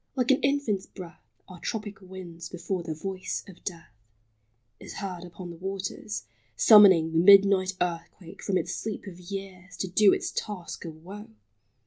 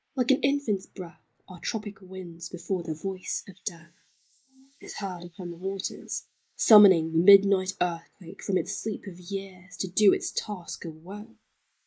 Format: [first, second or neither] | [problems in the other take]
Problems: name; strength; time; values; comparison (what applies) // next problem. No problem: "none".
first | noise reduction (neural mask model Resemble Enhance denoiser)